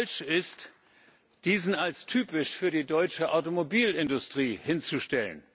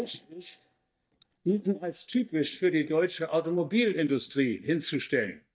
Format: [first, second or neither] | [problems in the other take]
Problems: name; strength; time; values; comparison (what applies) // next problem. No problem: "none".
first | noise reduction (neural mask model DeepFilterNet 3)